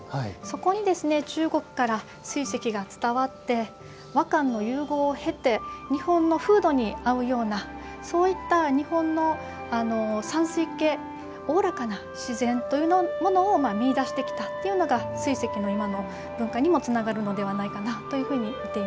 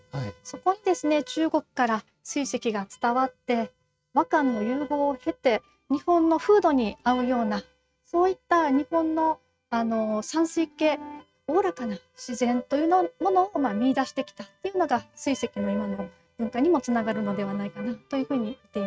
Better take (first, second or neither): first